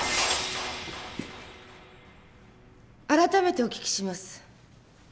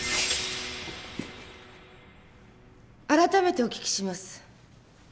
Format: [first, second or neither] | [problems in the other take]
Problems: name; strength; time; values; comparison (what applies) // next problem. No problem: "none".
second | background sound (Clapping); 11 dB below the speech